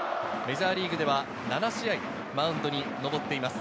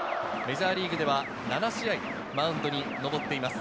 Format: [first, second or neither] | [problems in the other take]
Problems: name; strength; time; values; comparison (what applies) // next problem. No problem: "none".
first | background sound (Alarm); 15 dB below the speech